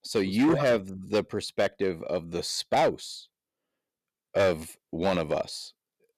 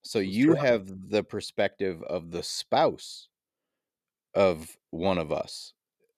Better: second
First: distortion; slight; 5% of the sound clipped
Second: none

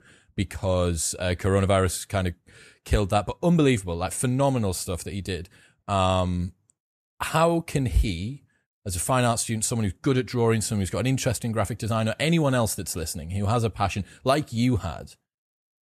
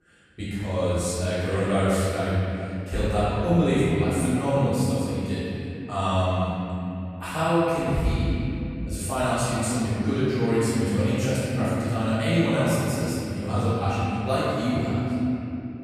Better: first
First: none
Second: room echo; strong; dies away in 3 s // off-mic speech; far

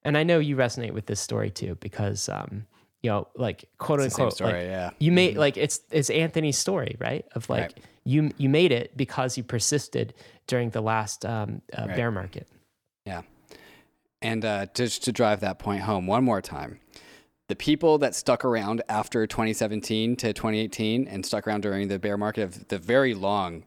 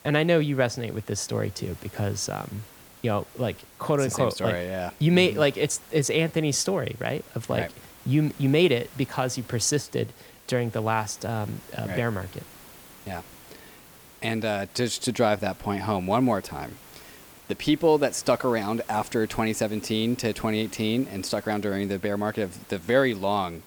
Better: first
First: none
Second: hiss; faint; throughout; 20 dB below the speech

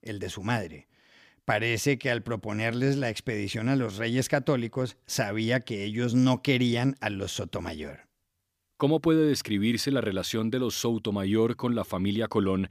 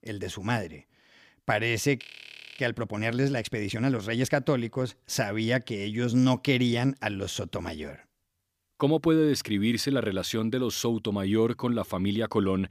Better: first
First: none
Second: audio freezing; at 2 s for 0.5 s

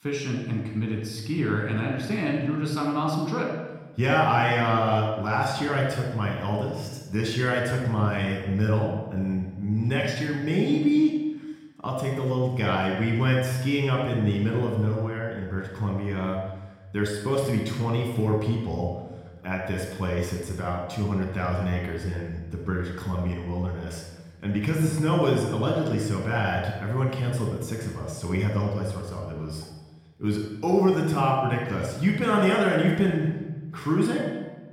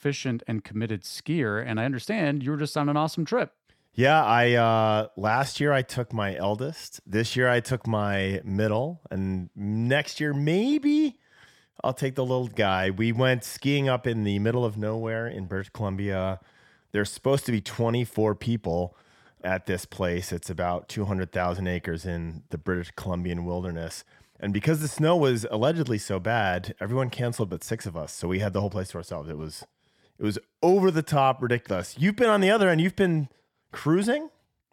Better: second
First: off-mic speech; somewhat distant // room echo; noticeable; dies away in 1 s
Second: none

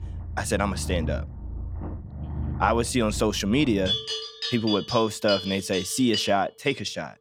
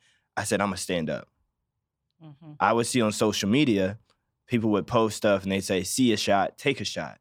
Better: second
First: animal sounds; loud; throughout; 7 dB below the speech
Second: none

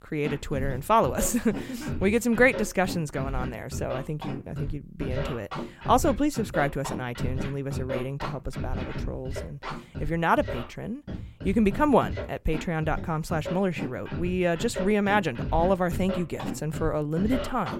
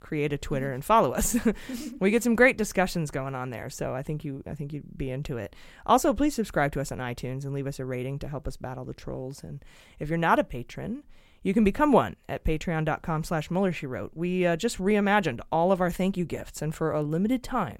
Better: second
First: background music; loud; throughout; 9 dB below the speech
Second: none

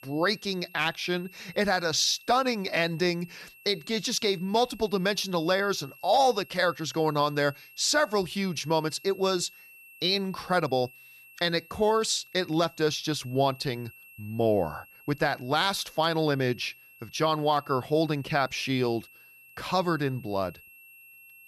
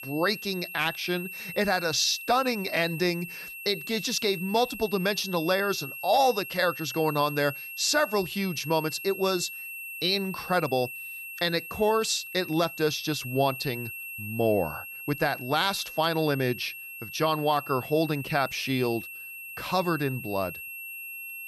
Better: first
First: high-pitched whine; faint; throughout; 2.5 kHz, 25 dB below the speech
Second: high-pitched whine; loud; throughout; 2.5 kHz, 10 dB below the speech

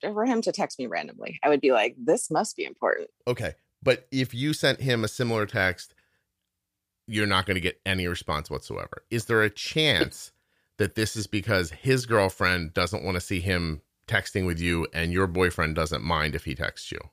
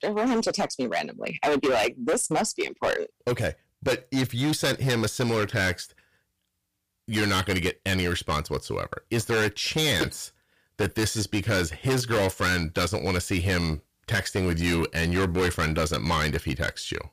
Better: first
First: none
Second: distortion; heavy; 14% of the sound clipped

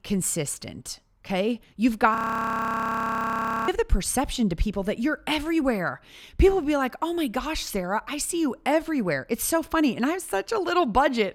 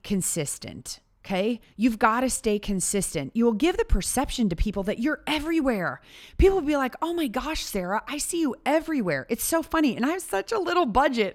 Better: second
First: audio freezing; at 2 s for 1.5 s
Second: none

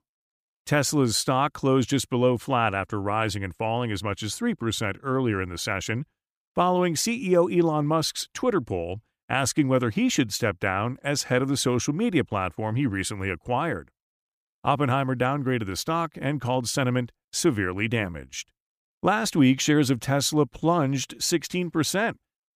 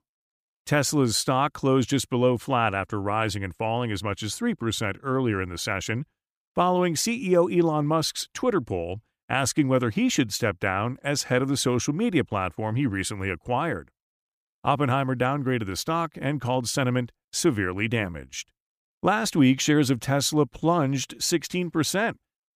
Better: neither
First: none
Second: none

